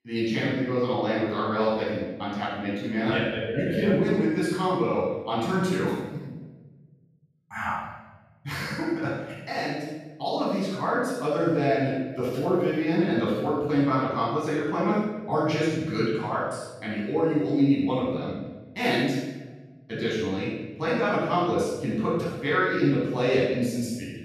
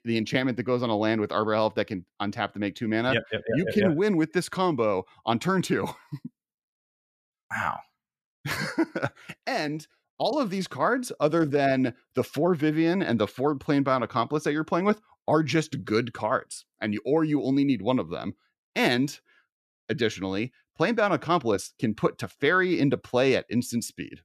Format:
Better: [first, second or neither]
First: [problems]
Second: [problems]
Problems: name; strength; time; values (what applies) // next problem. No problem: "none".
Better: second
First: off-mic speech; far // room echo; strong; dies away in 1 s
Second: none